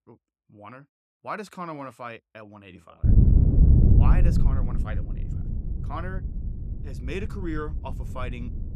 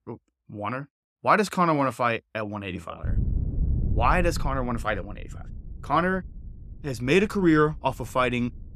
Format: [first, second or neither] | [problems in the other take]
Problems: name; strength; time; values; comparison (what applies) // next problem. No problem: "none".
second | wind noise on the microphone; heavy; from 3 s on; 1 dB above the speech; occasional gusts in the second